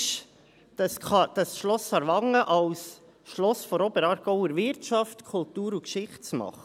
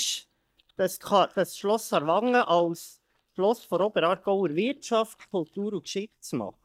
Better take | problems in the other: first | noise reduction (neural mask model DeepFilterNet 3)

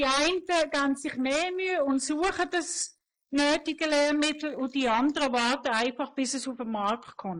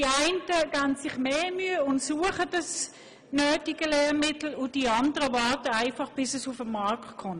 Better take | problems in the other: second | noise reduction (neural mask model Resemble Enhance denoiser)

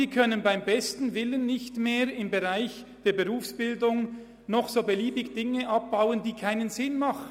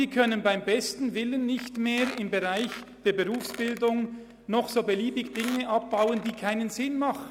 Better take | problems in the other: first | background sound (Squeak); 18 dB below the speech

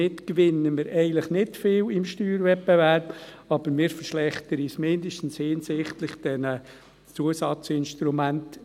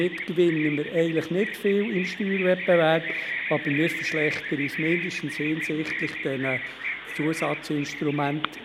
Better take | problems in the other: first | background sound (Bird vocalization, bird call, bird song); 6 dB below the speech

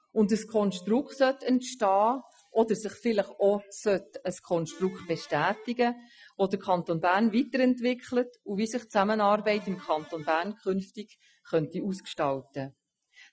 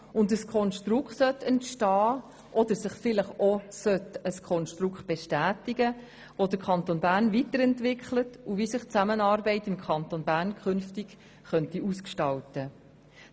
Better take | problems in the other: second | noise reduction (classical method Wiener filter)

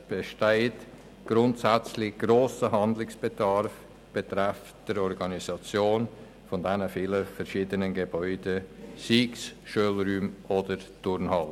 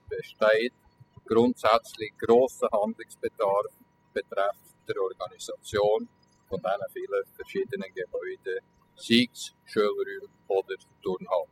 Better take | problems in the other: first | noise reduction (classical method spectral subtraction)

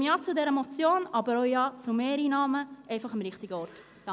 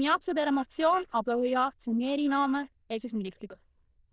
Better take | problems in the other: first | noise reduction (neural diffusion model UNIVERSE++)

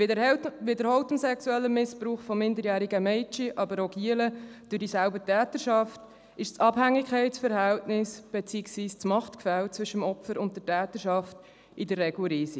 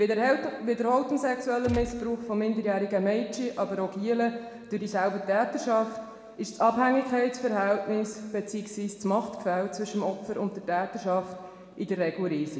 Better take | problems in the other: first | background sound (Gunshot, gunfire); 8 dB below the speech // room echo; dies away in 1.5 s

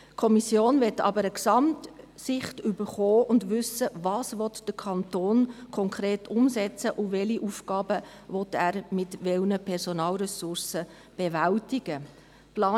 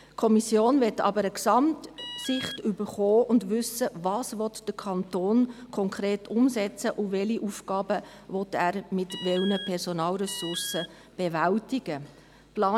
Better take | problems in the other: first | background sound (Alarm); 12 dB below the speech

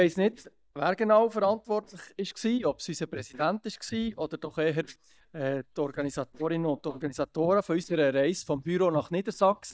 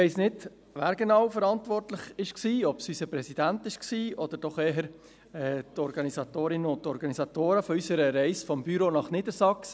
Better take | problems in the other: second | noise reduction (neural mask model DeepFilterNet 3)

